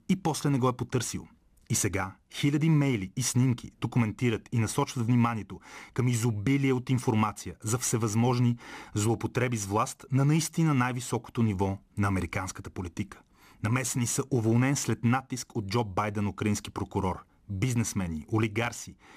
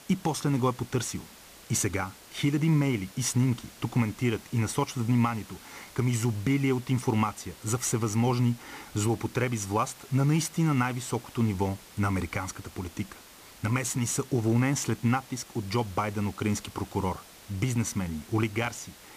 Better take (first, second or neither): first